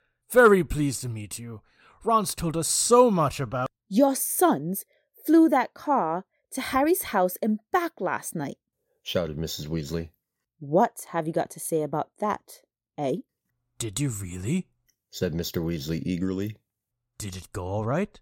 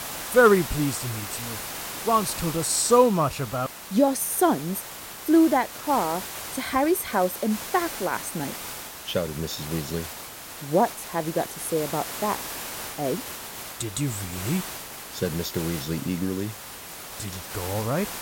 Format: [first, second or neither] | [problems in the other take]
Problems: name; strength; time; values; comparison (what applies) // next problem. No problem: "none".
first | hiss; loud; throughout; 9 dB below the speech